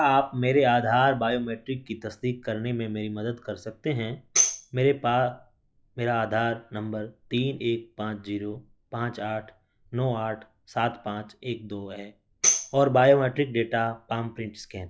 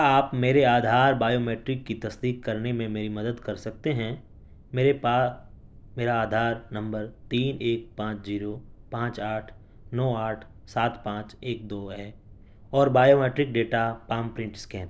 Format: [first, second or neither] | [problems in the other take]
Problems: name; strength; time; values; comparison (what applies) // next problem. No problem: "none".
second | noise reduction (classical method log-MMSE)